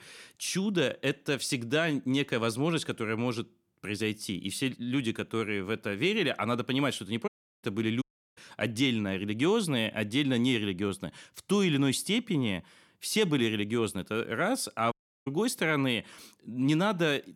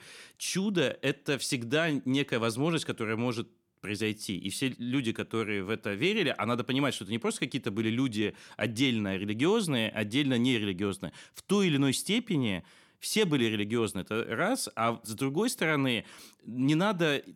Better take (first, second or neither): second